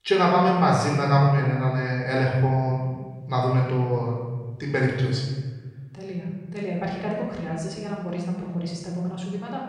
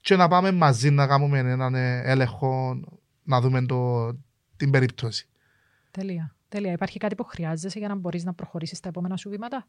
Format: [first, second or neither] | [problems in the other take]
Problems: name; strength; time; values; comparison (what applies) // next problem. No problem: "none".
second | off-mic speech; far // room echo; noticeable; dies away in 1.3 s